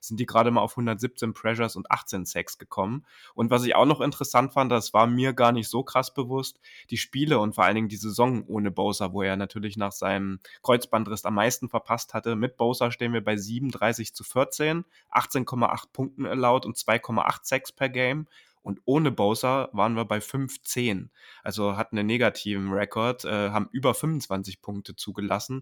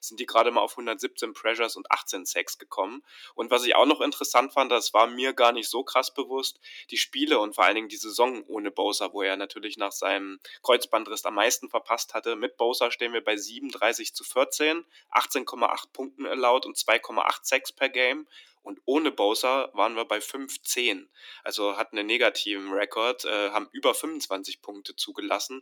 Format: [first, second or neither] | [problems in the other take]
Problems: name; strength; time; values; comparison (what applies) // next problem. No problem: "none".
first | thin; somewhat; fading below 300 Hz